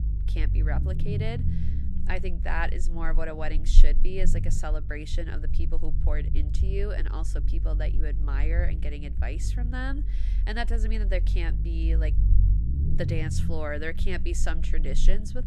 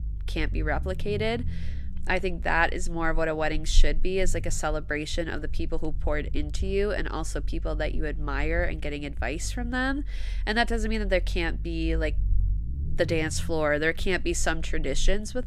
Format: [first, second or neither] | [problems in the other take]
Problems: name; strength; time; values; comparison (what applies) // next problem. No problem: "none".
second | low rumble; loud; throughout; 9 dB below the speech; faint in the second